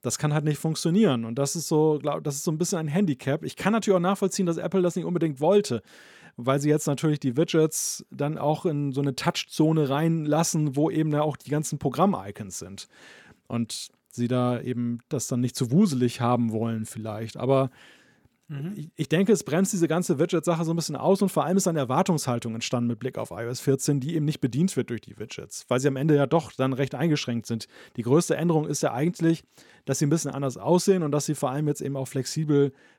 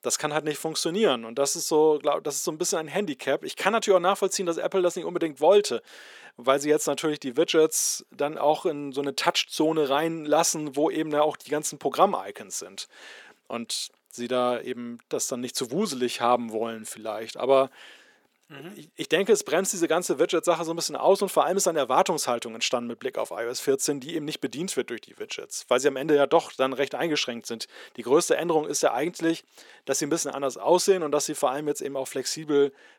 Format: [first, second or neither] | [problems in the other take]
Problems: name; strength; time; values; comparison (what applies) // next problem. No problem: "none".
first | thin; somewhat; fading below 500 Hz